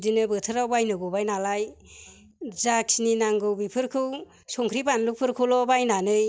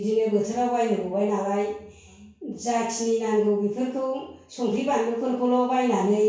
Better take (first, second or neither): first